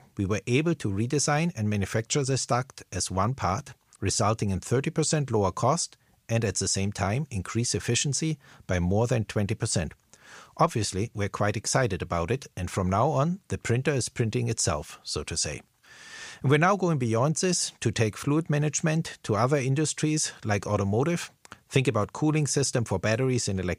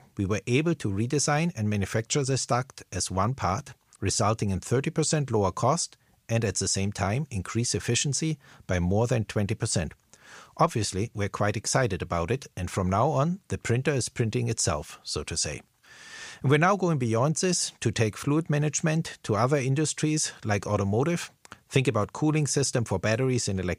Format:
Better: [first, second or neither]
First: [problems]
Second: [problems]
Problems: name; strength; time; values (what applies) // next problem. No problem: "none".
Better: neither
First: none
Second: none